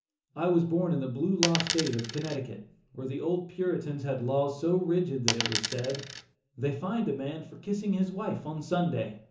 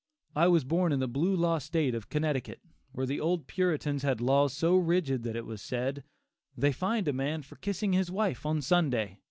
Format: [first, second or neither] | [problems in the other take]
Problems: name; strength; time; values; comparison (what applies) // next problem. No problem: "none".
second | background sound (Coin (dropping)); 3 dB below the speech // room echo; dies away in 0.8 s